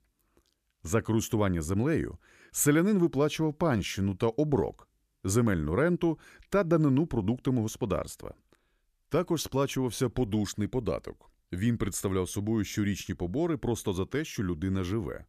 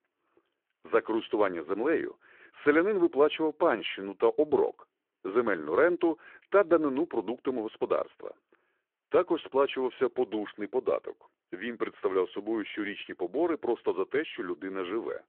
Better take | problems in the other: first | phone-call audio

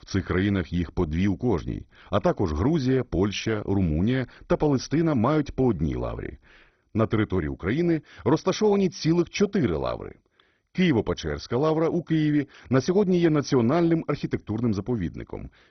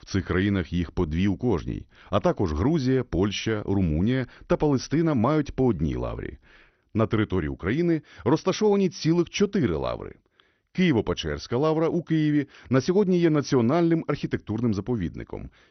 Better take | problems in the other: second | garbled, watery; badly; nothing above 6 kHz; slightly in the second

